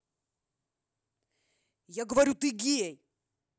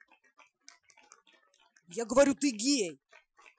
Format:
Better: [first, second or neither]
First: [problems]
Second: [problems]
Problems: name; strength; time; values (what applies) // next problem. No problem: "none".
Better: first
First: none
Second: noise reduction (classical method Wiener filter)